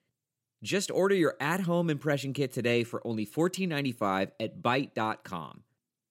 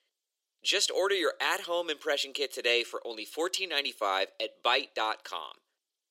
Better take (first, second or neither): first